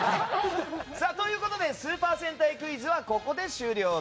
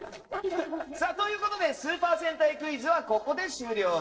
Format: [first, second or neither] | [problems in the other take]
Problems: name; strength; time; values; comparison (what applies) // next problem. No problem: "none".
first | noise reduction (neural separator model SepFormer DNS4)